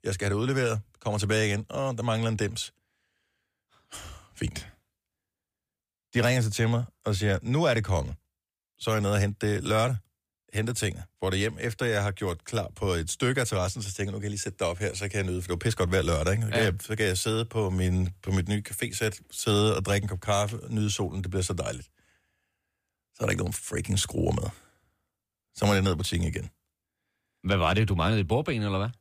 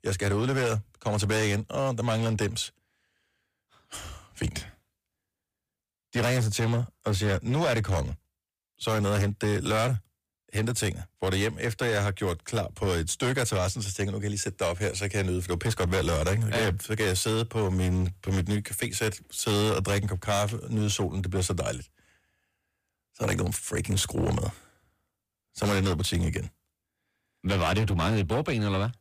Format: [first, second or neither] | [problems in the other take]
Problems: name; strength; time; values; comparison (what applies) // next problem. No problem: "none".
first | distortion; slight; 12% of the sound clipped